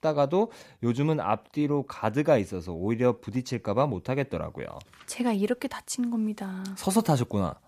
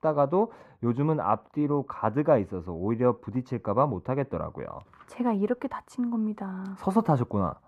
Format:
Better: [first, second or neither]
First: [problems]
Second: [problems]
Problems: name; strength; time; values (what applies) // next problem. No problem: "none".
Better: first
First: none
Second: muffled; very; fading above 2.5 kHz